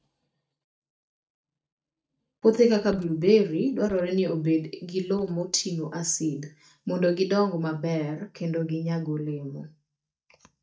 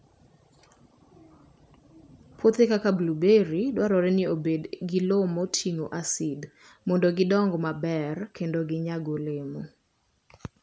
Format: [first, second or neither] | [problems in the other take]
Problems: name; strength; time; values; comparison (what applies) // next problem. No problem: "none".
second | noise reduction (neural mask model DeepFilterNet 3)